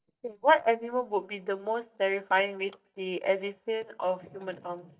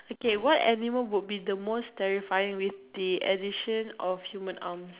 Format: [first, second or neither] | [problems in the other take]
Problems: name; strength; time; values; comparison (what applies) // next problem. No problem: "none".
second | noise reduction (neural mask model DeepFilterNet 3)